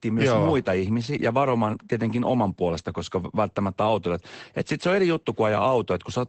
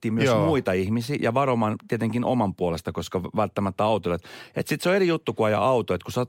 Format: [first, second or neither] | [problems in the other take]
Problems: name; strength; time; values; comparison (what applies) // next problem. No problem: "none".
second | garbled, watery; badly; nothing above 8 kHz